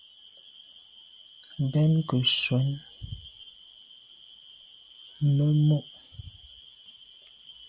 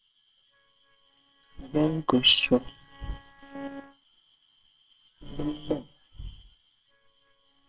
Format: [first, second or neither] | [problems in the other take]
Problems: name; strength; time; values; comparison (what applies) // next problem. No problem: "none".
first | noise reduction (neural separator model SepFormer WHAMR!)